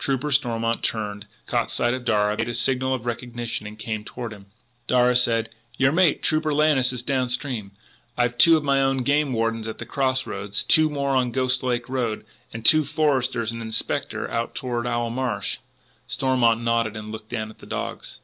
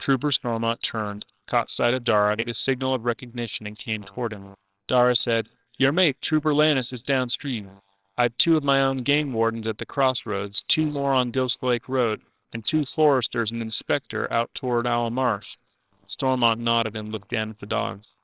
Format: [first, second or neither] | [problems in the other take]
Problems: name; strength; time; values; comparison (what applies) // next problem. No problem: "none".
first | noise reduction (neural separator model SepFormer WHAMR!)